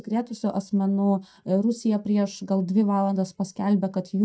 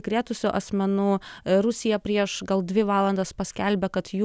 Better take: second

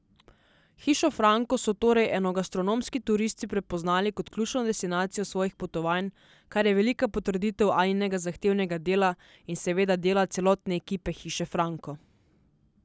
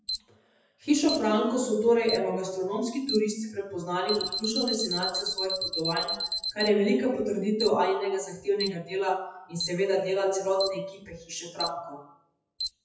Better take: first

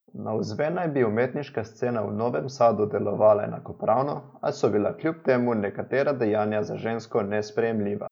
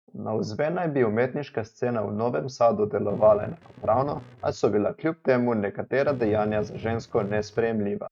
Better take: first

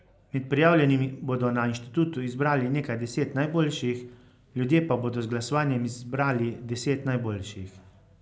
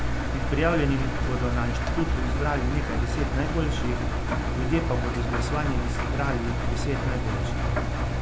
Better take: first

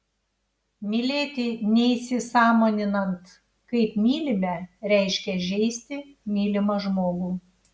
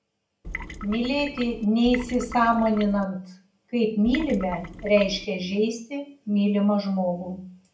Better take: first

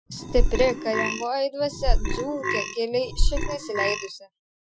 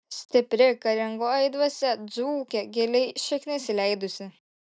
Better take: second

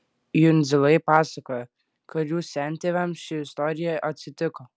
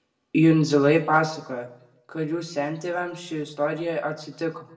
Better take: first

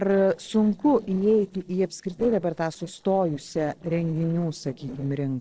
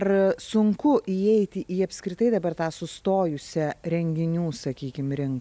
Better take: second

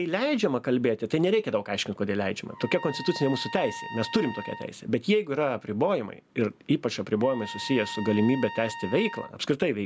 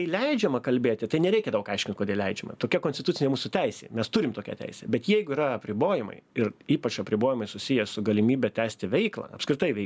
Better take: second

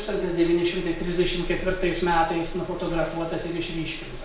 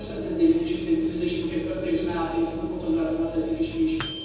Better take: first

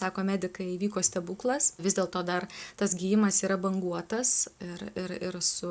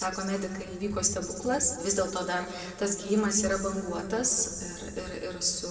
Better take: first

